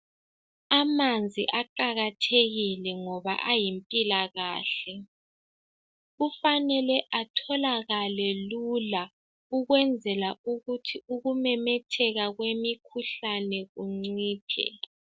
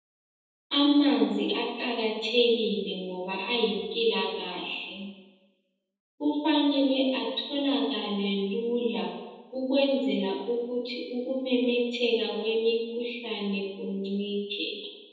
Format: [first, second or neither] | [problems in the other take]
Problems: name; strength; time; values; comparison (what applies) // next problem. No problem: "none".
first | room echo; dies away in 1.1 s